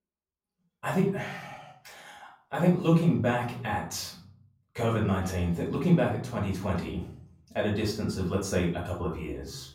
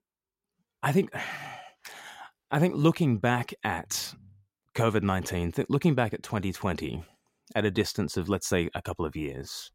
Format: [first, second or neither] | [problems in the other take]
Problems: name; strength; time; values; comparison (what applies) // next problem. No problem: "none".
second | off-mic speech; far // room echo; slight; dies away in 0.5 s